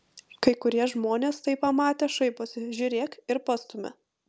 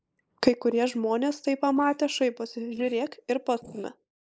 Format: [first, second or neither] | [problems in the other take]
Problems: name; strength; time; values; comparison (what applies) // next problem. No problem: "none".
first | noise reduction (neural mask model Resemble Enhance denoiser)